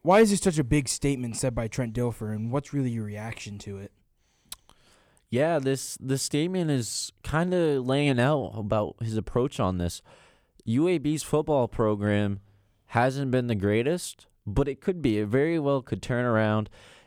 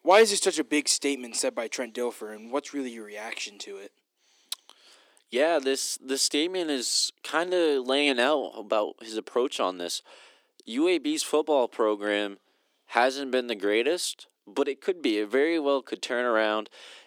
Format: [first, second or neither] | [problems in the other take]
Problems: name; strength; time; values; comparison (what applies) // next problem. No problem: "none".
first | thin; somewhat; fading below 300 Hz